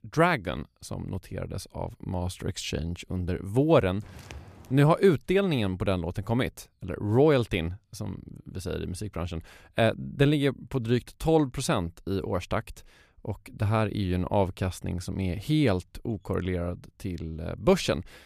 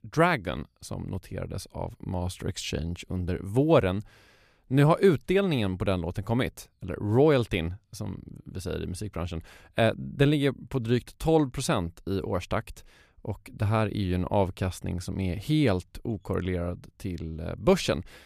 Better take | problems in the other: second | footsteps; faint; at 4 s; peak 15 dB below the speech

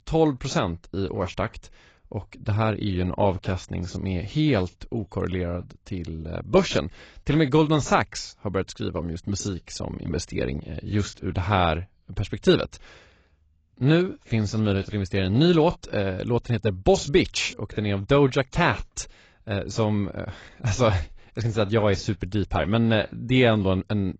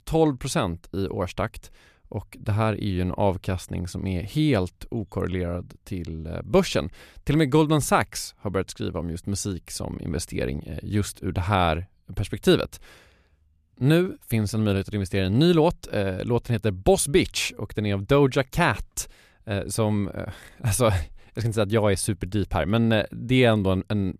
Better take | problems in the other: second | garbled, watery; badly; nothing above 7.5 kHz

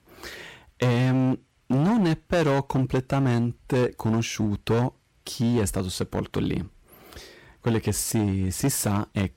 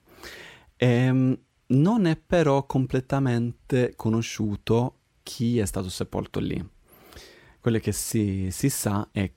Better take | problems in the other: second | distortion; slight; 11% of the sound clipped

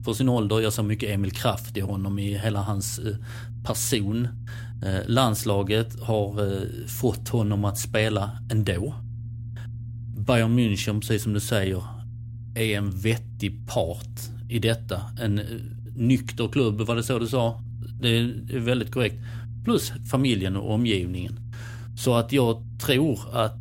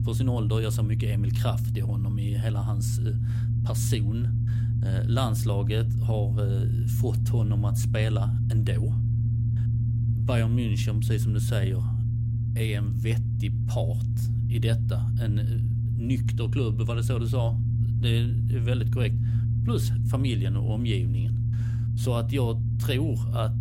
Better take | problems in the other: first | low rumble; loud; throughout; 3 dB below the speech; faint in the first

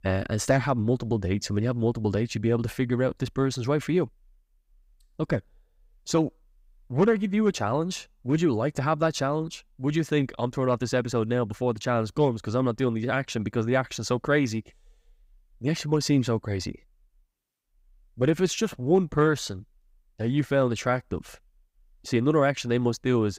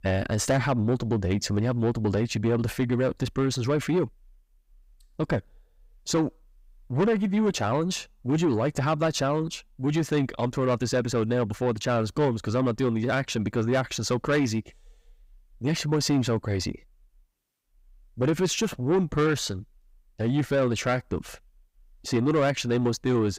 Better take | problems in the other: first | distortion; slight; 10 dB below the speech

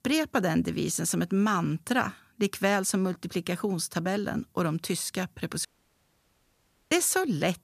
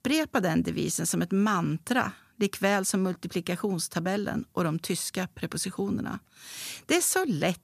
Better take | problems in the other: second | audio cutting out; at 5.5 s for 1.5 s

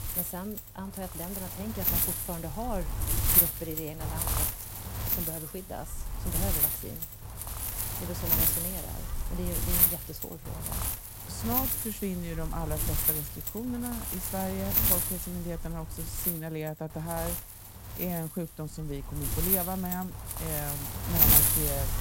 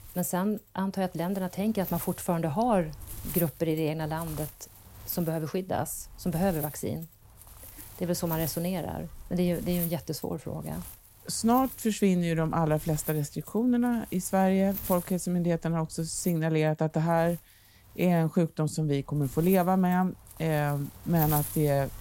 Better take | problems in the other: second | wind noise on the microphone; heavy; 5 dB above the speech; occasional gusts in the second

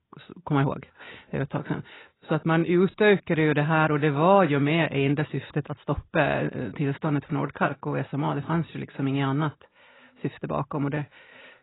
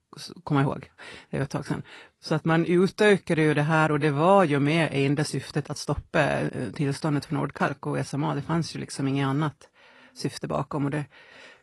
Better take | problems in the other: second | garbled, watery; badly; nothing above 4 kHz; slightly in the second

